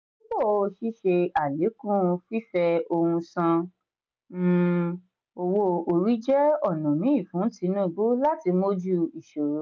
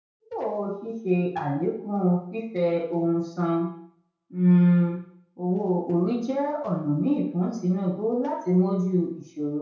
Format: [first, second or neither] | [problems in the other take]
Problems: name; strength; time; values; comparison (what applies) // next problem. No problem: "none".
first | room echo; dies away in 0.5 s